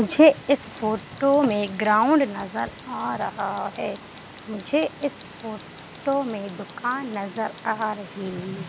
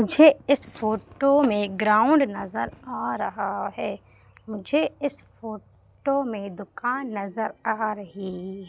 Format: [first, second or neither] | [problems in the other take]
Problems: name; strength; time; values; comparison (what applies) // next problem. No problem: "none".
second | background sound (Tick); 17 dB below the speech